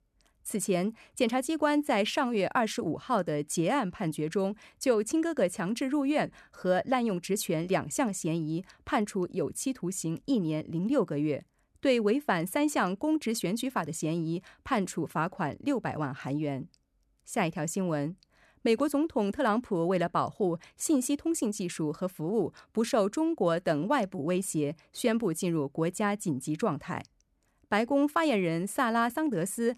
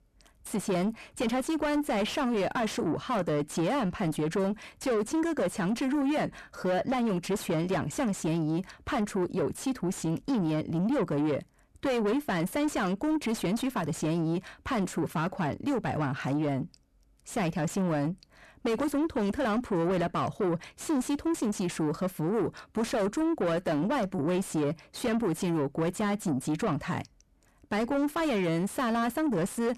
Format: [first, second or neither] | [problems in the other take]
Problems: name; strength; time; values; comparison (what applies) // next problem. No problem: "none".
first | distortion; heavy; 7 dB below the speech